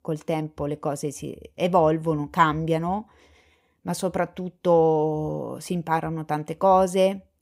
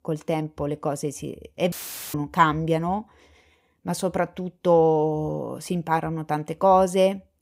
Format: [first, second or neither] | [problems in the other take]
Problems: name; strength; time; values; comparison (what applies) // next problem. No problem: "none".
first | audio cutting out; filled with static; at 1.5 s